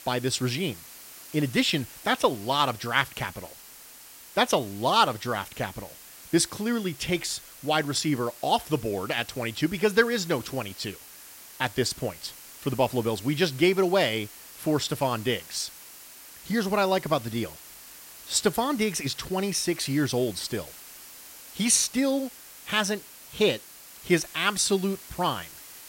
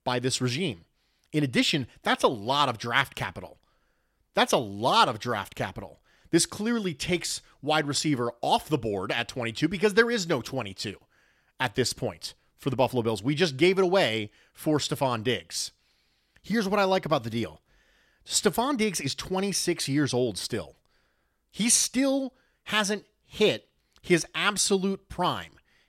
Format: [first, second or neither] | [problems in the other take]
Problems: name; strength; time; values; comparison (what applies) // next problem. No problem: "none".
second | hiss; noticeable; throughout; 15 dB below the speech